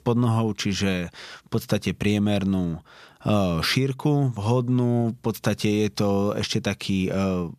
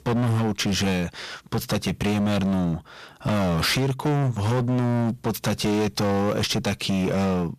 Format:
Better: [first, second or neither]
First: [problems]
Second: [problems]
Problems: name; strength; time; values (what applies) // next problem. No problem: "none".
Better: first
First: none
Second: distortion; heavy; 28% of the sound clipped